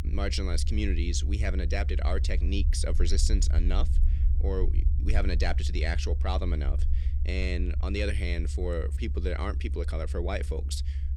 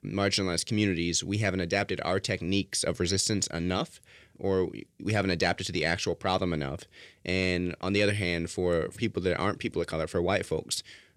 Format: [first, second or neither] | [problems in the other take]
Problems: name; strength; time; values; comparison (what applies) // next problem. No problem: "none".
second | low rumble; noticeable; throughout; 15 dB below the speech